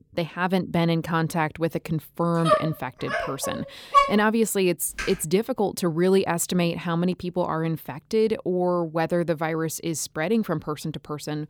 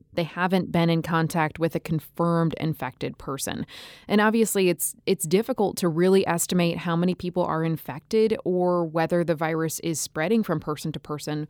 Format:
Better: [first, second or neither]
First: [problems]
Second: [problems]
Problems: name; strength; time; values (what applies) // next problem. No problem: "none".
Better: second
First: dog barking; loud; from 2.5 to 4 s; peak 5 dB above the speech // keyboard typing; noticeable; at 5 s; peak 9 dB below the speech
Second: none